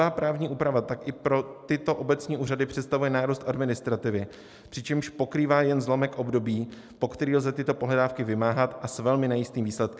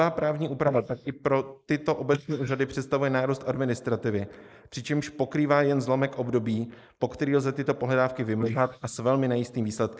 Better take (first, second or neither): first